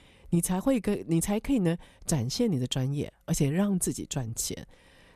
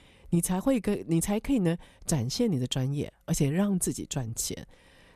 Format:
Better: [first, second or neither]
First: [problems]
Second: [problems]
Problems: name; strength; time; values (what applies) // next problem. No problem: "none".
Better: neither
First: none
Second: none